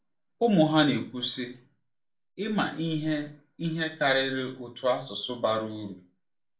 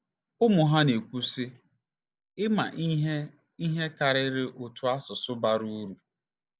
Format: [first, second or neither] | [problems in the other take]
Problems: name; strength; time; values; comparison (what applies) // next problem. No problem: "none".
second | room echo; dies away in 0.3 s